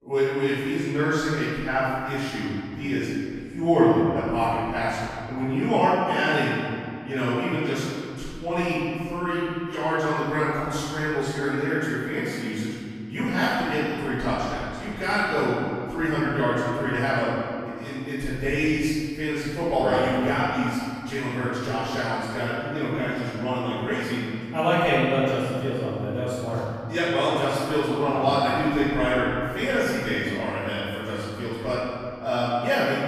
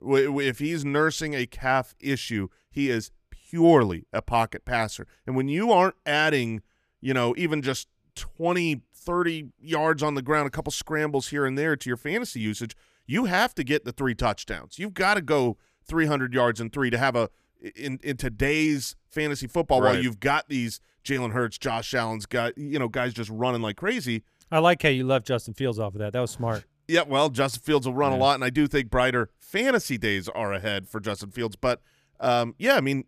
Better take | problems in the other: second | off-mic speech; far // room echo; strong; dies away in 2.2 s

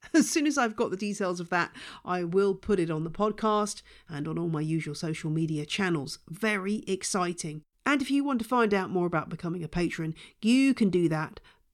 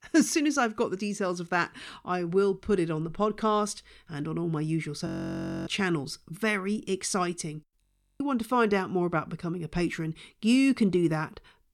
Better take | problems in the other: first | audio freezing; at 5 s for 0.5 s and at 8 s

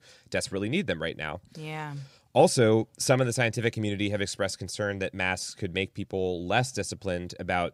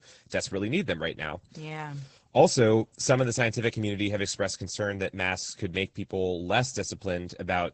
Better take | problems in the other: first | garbled, watery; badly; nothing above 8 kHz

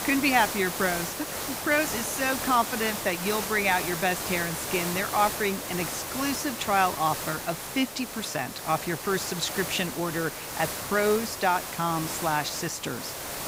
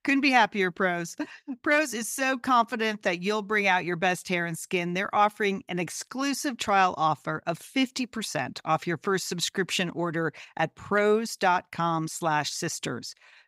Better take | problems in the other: second | hiss; loud; throughout; 5 dB below the speech

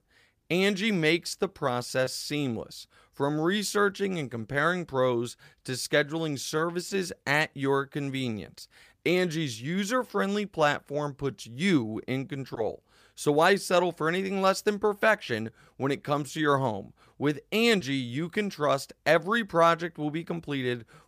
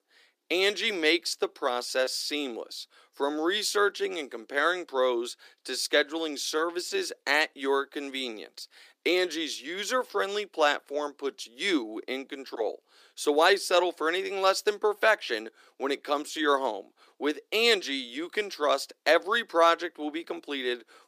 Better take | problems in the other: first | thin; somewhat; fading below 300 Hz

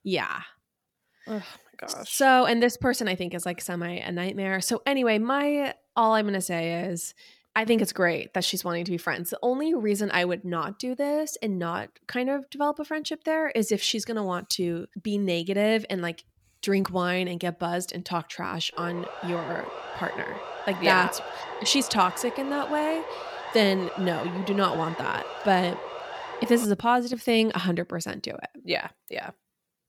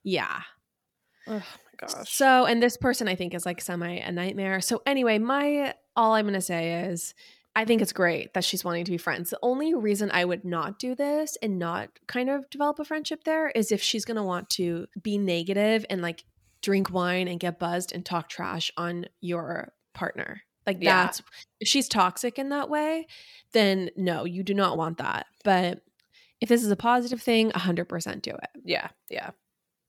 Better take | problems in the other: second | siren; noticeable; from 19 to 27 s; peak 9 dB below the speech

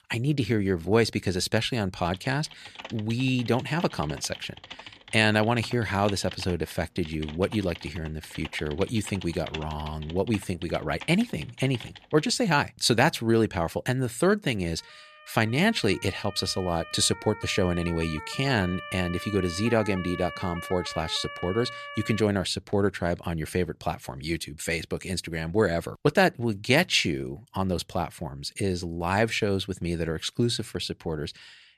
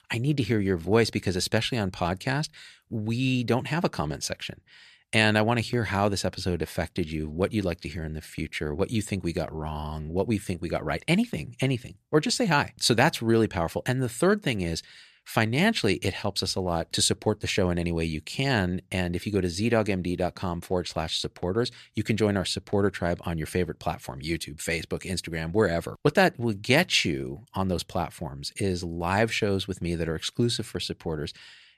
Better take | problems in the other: second | keyboard typing; faint; from 2 to 12 s; peak 10 dB below the speech // siren; faint; from 15 to 22 s; peak 10 dB below the speech

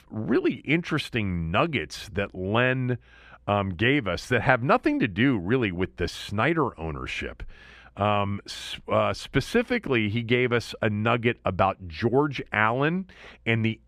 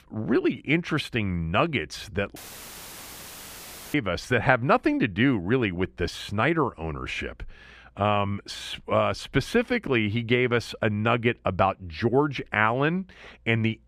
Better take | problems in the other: first | audio cutting out; filled with static; at 2.5 s for 1.5 s

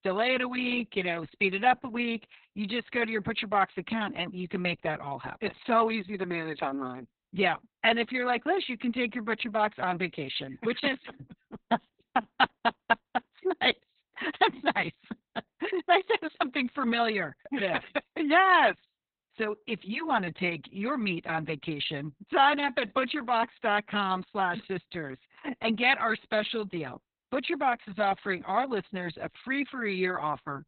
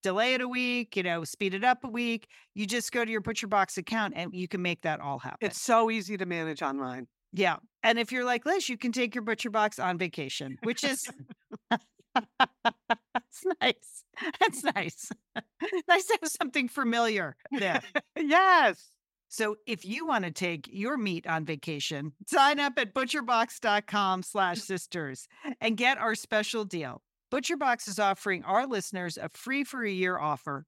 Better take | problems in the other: second | garbled, watery; badly; nothing above 4 kHz

